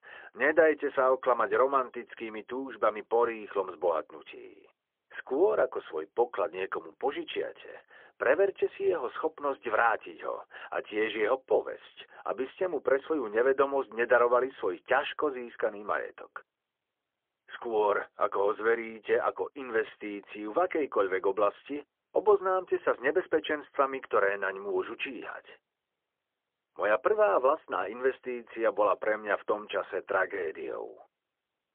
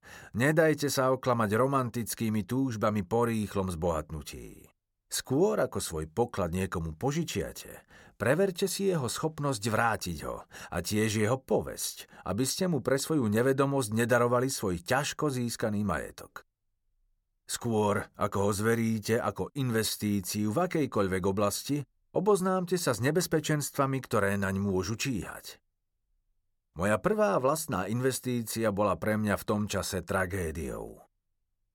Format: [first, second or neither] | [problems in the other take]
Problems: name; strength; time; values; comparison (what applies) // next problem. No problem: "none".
second | phone-call audio; poor line; nothing above 3.5 kHz